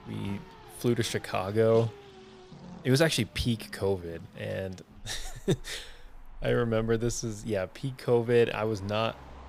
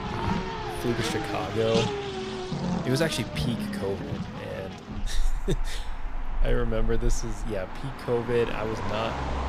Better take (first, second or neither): first